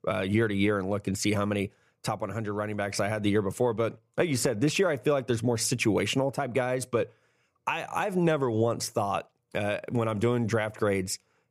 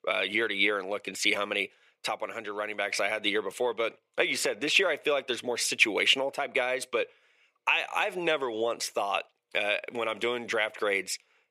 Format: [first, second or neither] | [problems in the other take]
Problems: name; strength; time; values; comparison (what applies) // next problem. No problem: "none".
first | thin; somewhat; fading below 450 Hz